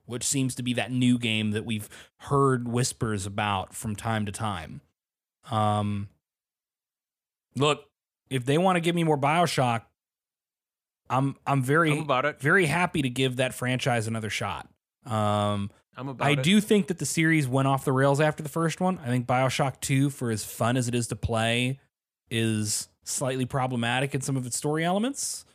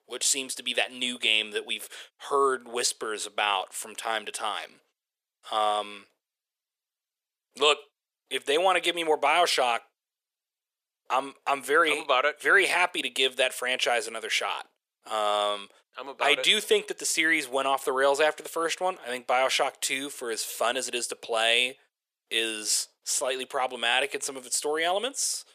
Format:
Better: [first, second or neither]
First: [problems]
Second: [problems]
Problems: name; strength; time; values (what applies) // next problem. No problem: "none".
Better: first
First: none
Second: thin; very; fading below 400 Hz